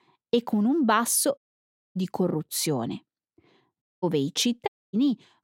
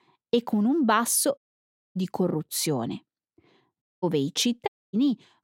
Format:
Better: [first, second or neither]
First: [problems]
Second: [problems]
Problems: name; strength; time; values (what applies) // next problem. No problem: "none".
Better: neither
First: audio cutting out; at 1.5 s for 0.5 s, at 4 s and at 4.5 s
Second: audio cutting out; at 1.5 s for 0.5 s, at 4 s and at 4.5 s